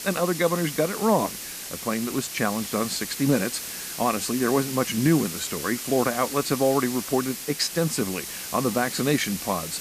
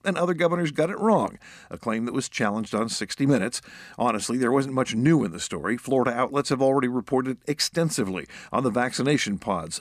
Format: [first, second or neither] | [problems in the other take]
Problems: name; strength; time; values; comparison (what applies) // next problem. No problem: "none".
second | hiss; loud; throughout; 7 dB below the speech